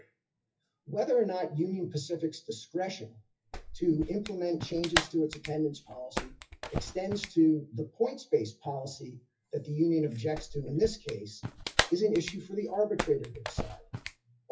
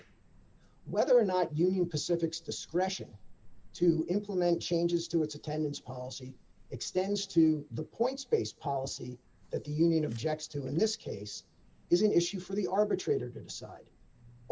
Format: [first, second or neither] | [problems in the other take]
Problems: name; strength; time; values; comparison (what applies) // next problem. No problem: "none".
second | noise reduction (classical method WPE with log-MMSE)